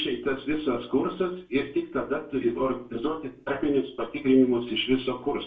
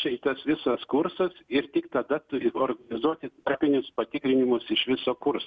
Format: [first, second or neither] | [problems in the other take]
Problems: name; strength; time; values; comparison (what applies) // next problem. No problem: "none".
second | room echo; dies away in 0.3 s